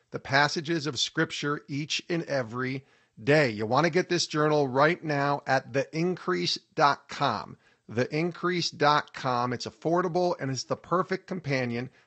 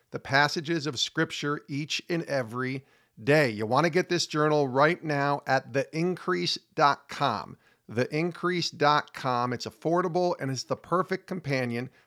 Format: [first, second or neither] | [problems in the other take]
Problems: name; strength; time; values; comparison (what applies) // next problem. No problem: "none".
second | garbled, watery; slightly; nothing above 8 kHz